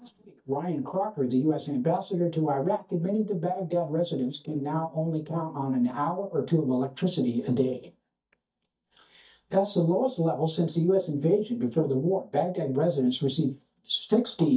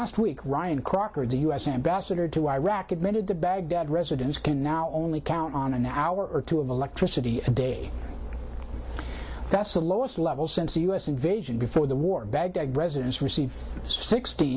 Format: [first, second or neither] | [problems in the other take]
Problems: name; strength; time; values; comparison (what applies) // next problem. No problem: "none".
second | noise reduction (neural mask model DeepFilterNet 3)